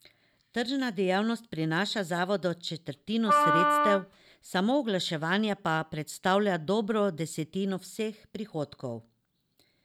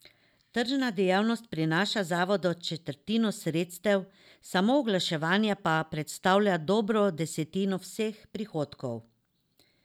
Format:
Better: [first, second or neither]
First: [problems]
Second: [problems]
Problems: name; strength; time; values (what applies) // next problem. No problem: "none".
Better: second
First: background sound (Wind instrument, woodwind instrument); 3 dB above the speech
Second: none